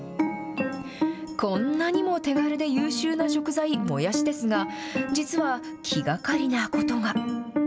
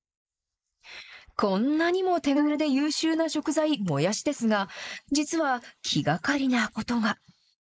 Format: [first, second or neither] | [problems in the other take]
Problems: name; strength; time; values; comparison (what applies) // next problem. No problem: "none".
first | noise reduction (neural mask model Resemble Enhance denoiser)